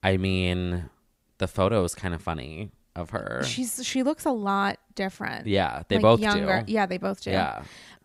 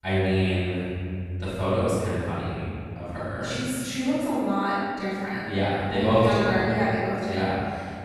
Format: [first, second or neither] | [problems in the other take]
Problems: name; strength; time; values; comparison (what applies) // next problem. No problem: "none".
first | off-mic speech; far // room echo; strong; dies away in 2.3 s